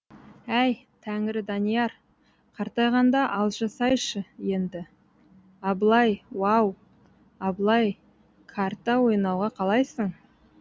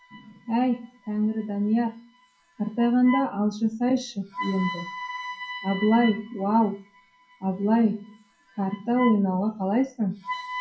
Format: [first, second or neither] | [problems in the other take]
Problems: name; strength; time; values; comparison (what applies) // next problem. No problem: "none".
first | noise reduction (classical method WPE with log-MMSE)